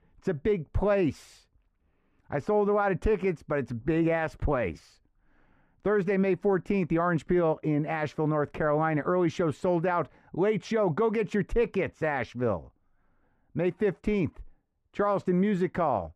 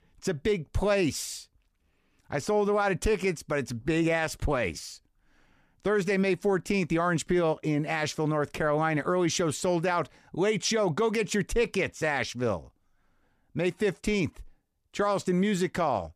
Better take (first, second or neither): second